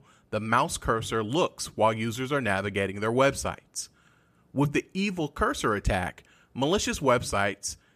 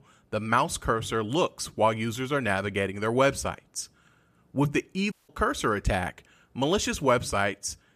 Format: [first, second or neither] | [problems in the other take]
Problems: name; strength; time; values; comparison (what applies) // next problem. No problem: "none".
first | audio cutting out; at 5 s